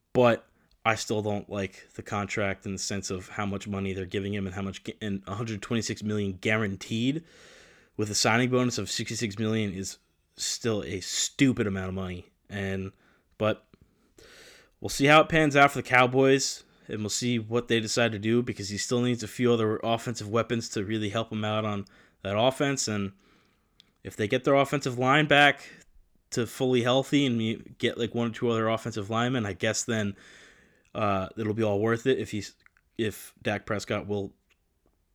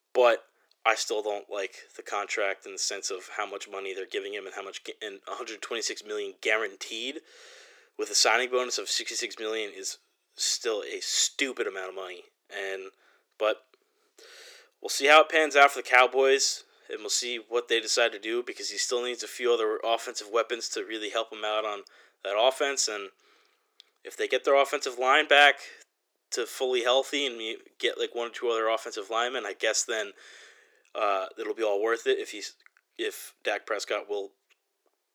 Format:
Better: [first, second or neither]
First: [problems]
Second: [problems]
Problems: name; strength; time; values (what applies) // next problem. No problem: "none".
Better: first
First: none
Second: thin; very; fading below 350 Hz